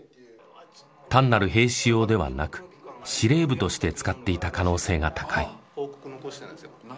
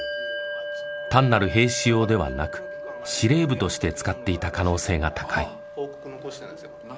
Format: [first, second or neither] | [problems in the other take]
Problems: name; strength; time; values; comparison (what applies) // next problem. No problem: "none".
first | background sound (Bell); 10 dB below the speech